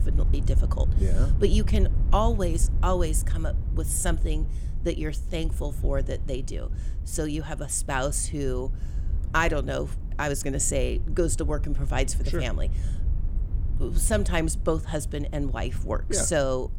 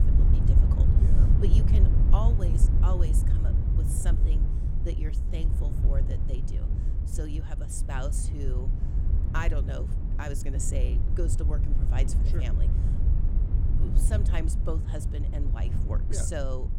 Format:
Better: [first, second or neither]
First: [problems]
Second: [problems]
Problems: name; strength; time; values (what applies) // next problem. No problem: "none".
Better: first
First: wind noise on the microphone; occasional gusts; 15 dB below the speech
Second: wind noise on the microphone; heavy; 3 dB below the speech